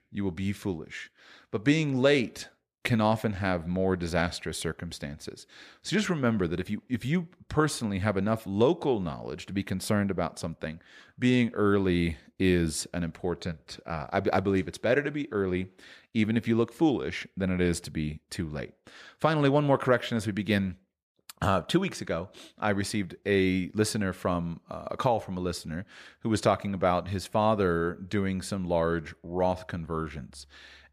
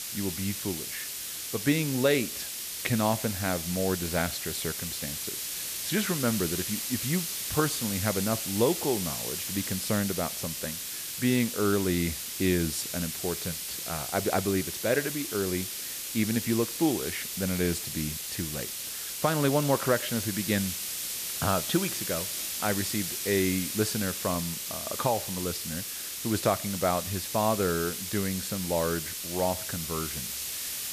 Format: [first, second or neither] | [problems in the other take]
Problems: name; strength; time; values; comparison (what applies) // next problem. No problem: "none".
first | hiss; loud; throughout; 2 dB below the speech